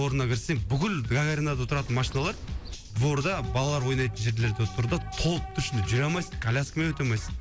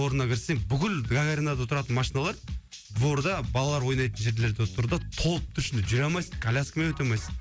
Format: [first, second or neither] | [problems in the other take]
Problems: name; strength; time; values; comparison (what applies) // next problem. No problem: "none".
second | background sound (Subway, metro, underground / Train + Bird); 16 dB below the speech